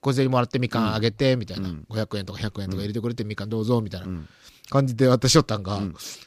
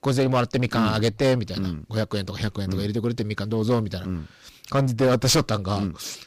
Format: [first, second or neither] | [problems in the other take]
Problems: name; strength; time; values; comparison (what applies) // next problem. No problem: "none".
first | distortion; heavy; 7% of the sound clipped